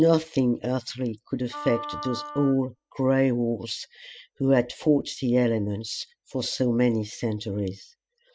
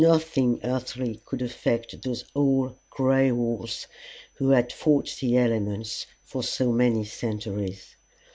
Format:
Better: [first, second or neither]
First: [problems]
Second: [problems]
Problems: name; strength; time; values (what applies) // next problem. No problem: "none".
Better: second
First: noise reduction (classical method spectral subtraction)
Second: none